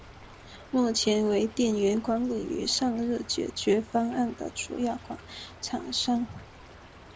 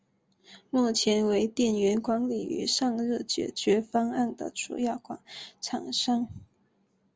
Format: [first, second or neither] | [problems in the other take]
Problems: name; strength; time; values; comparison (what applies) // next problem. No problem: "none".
second | background sound (Stream / Trickle, dribble); 19 dB below the speech